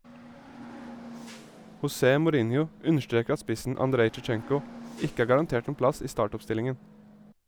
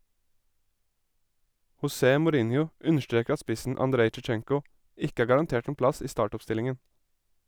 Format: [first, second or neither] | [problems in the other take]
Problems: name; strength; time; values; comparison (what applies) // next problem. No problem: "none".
second | background sound (Hiss / Bus / Engine); 18 dB below the speech